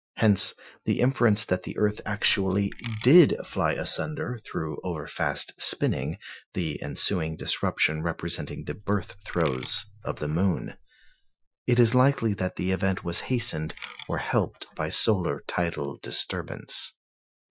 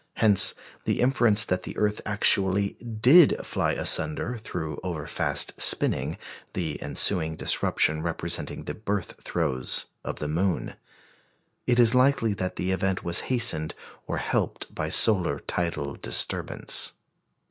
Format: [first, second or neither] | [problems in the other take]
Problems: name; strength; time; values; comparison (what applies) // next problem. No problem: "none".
second | noise reduction (classical method Wiener filter)